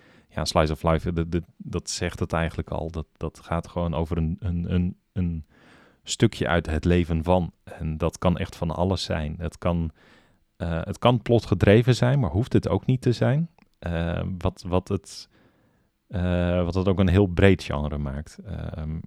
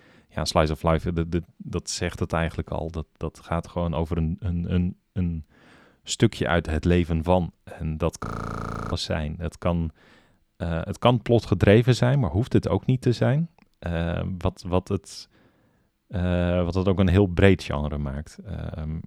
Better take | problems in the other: first | audio freezing; at 8.5 s for 0.5 s

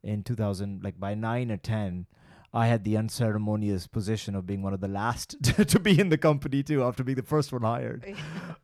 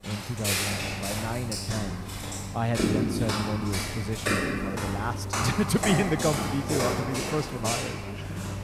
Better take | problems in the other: first | footsteps; loud; peak 5 dB above the speech

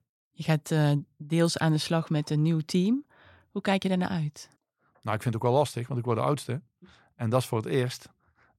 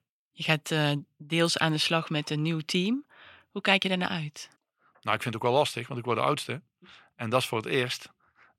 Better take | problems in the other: first | thin; very slightly; fading below 450 Hz

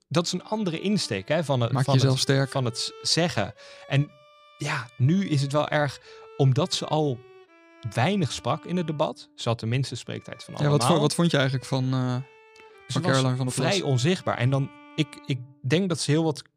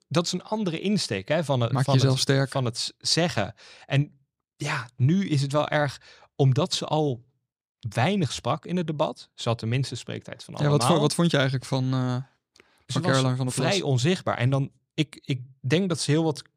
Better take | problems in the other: second | background music; faint; throughout; 25 dB below the speech

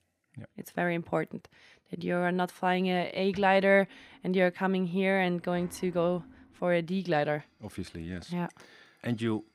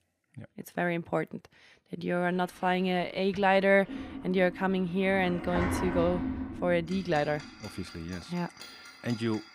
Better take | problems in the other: first | household noises; loud; from 2 s on; 9 dB below the speech; faint in the first

